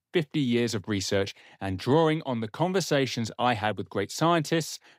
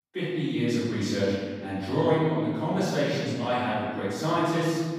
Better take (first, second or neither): first